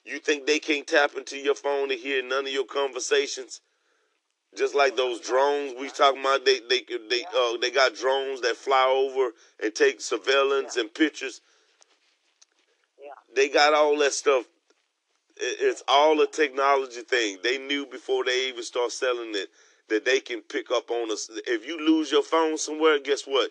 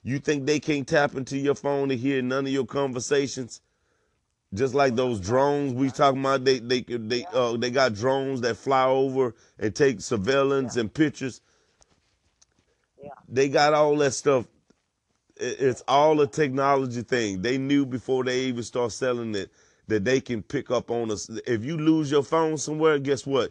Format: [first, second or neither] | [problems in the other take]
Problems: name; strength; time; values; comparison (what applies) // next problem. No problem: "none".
second | thin; somewhat; fading below 300 Hz